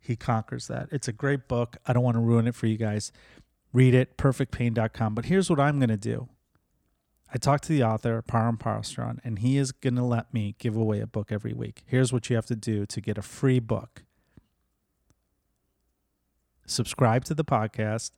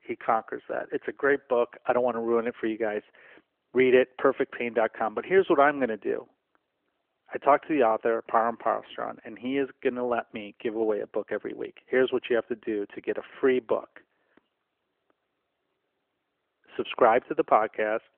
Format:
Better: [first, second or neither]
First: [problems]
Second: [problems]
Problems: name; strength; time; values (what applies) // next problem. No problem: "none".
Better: first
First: none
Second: phone-call audio; nothing above 3 kHz